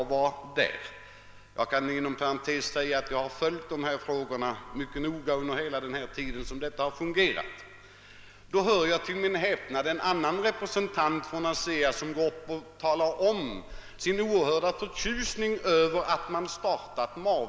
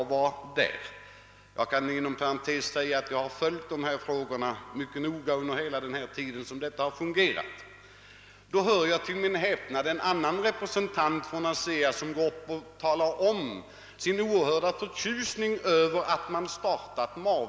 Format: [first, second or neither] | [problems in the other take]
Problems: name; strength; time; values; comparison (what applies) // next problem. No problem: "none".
second | background sound (Meow / Purr); 17 dB below the speech